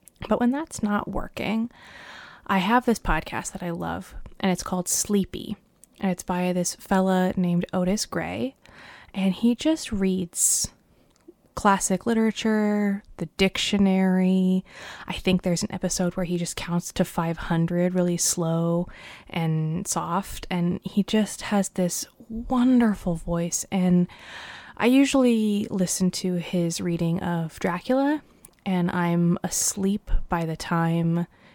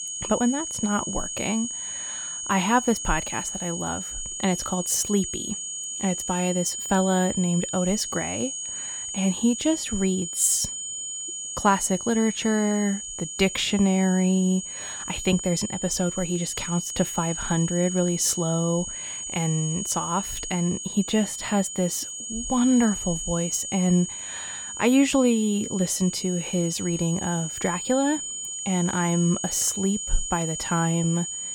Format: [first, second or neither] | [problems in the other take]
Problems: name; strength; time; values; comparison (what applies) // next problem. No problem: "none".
first | high-pitched whine; loud; throughout; 6.5 kHz, 5 dB below the speech